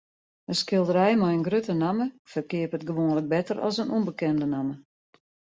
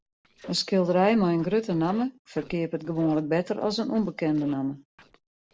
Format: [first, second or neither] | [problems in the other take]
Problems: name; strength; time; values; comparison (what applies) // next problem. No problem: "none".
first | noise reduction (neural separator model SepFormer DNS4)